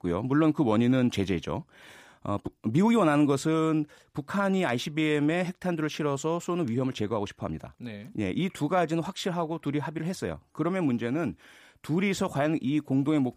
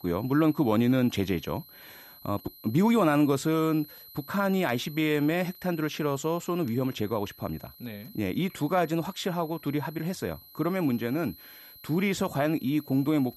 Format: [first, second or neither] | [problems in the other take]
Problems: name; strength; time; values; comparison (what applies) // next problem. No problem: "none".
first | high-pitched whine; faint; throughout; 12 kHz, 20 dB below the speech